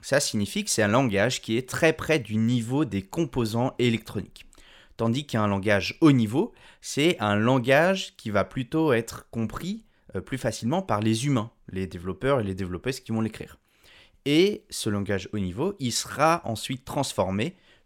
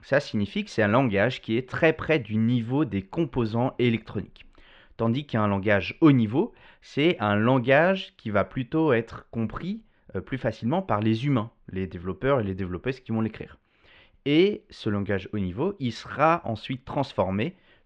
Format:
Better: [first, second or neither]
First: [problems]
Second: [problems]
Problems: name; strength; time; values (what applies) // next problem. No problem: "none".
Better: first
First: none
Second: muffled; slightly; fading above 3 kHz